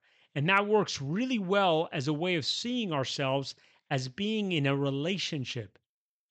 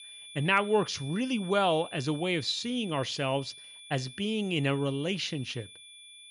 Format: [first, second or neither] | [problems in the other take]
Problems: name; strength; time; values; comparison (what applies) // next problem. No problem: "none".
first | high-pitched whine; noticeable; throughout; 3.5 kHz, 15 dB below the speech